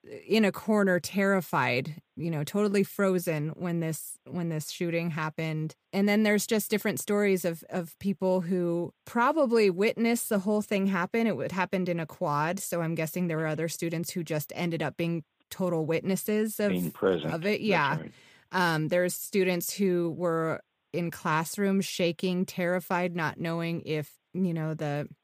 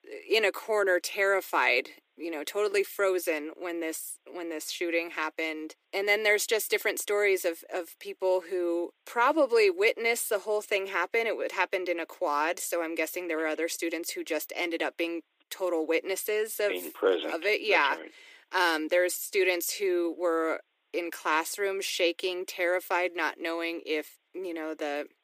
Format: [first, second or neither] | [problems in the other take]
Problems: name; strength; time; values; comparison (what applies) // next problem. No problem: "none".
first | thin; very; fading below 300 Hz